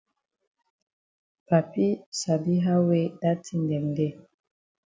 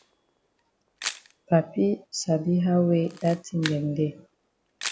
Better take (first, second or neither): first